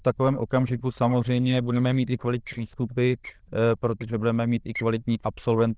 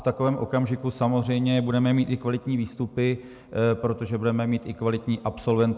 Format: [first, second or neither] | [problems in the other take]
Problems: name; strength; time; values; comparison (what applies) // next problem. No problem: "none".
second | noise reduction (neural diffusion model UNIVERSE++)